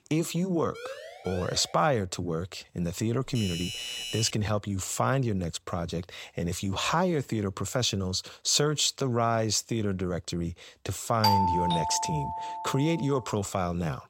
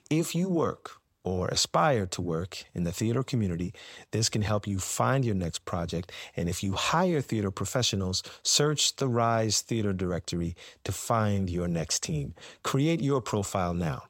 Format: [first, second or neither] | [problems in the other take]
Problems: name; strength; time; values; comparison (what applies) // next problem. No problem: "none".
second | siren; faint; from 0.5 to 1.5 s; peak 10 dB below the speech // doorbell; noticeable; from 3 to 4.5 s; peak 4 dB below the speech // doorbell; loud; from 11 to 13 s; peak 5 dB above the speech